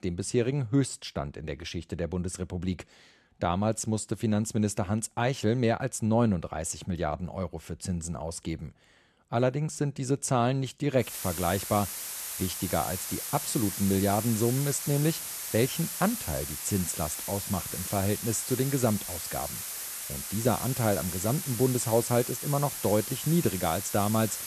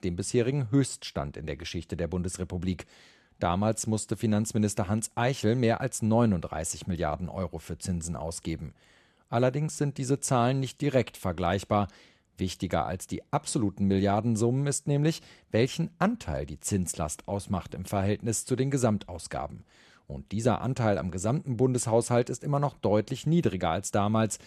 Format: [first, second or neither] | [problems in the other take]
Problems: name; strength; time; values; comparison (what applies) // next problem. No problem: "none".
second | hiss; loud; from 11 s on; 4 dB below the speech